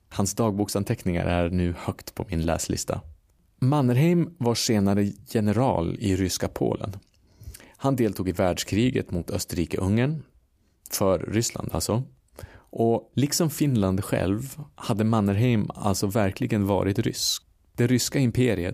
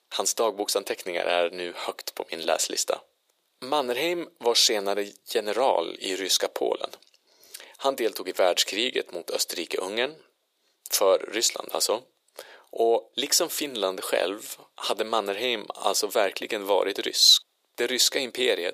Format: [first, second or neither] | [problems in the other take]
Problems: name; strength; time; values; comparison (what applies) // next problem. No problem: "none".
first | thin; very; fading below 450 Hz